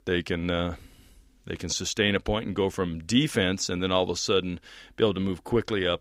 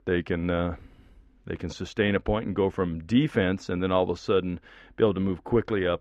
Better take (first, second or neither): first